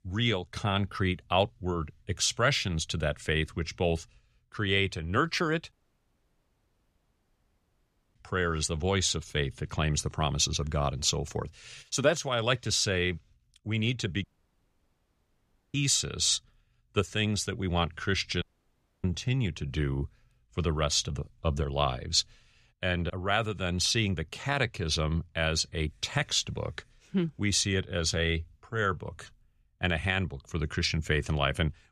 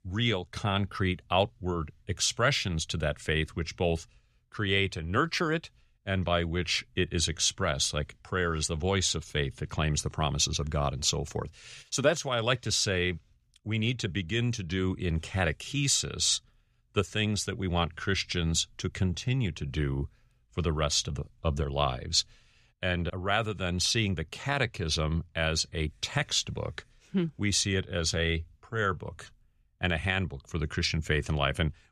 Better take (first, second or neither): second